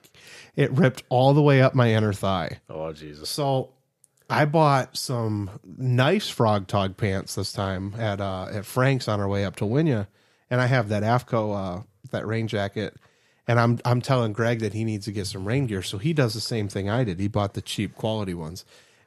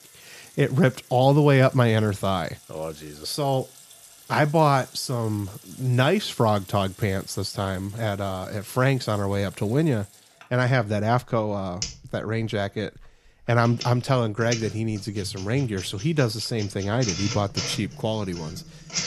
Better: first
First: none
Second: household noises; noticeable; throughout; 15 dB below the speech

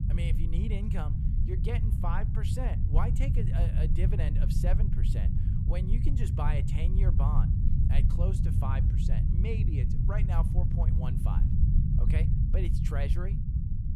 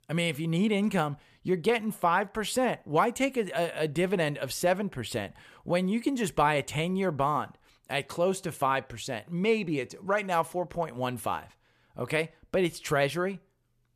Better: second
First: low rumble; loud; throughout; 1 dB below the speech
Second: none

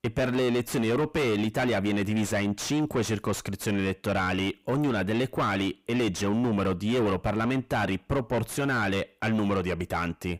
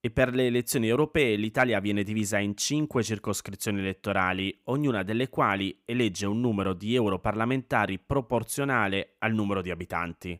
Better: second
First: distortion; heavy; 6 dB below the speech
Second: none

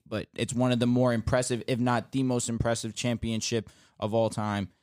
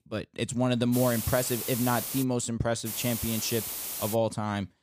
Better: first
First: none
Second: hiss; loud; from 1 to 2 s and from 3 to 4 s; 4 dB below the speech

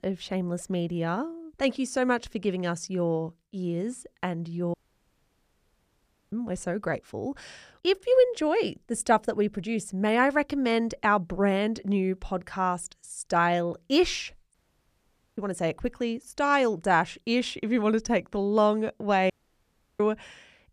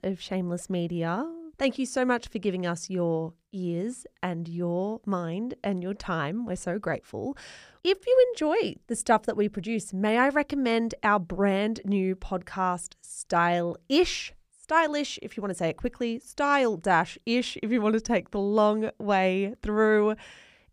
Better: second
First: audio cutting out; at 4.5 s for 1.5 s, at 15 s for 1 s and at 19 s for 0.5 s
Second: none

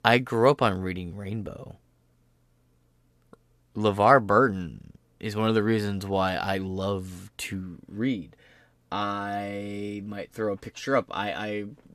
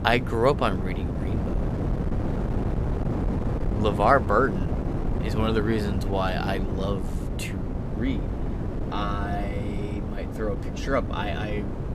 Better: first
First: none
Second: wind noise on the microphone; heavy; 9 dB below the speech

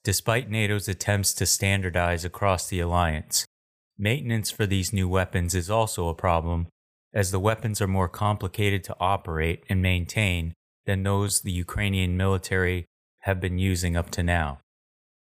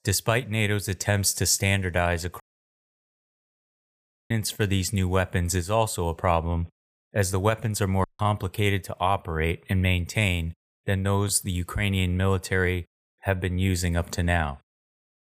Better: first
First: none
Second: audio cutting out; at 2.5 s for 2 s and at 8 s

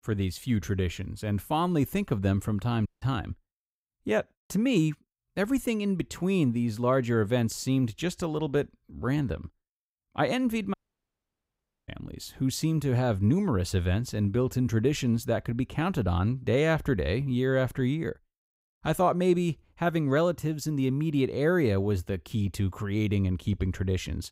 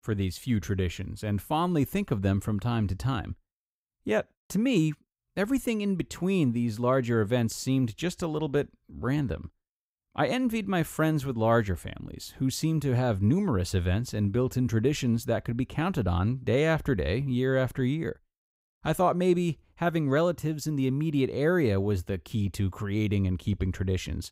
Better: second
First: audio cutting out; at 3 s and at 11 s for 1 s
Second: none

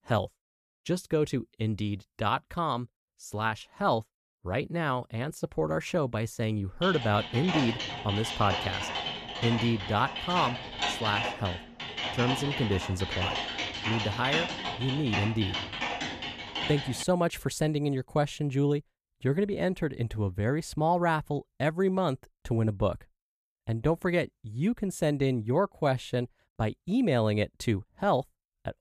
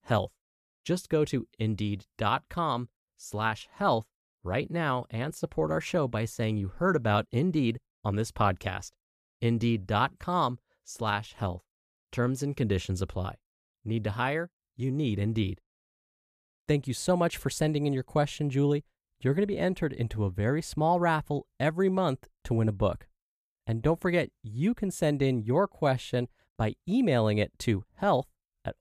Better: second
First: keyboard typing; loud; from 7 to 17 s; peak 1 dB above the speech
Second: none

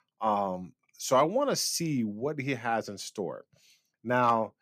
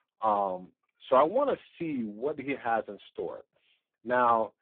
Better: first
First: none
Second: phone-call audio; poor line

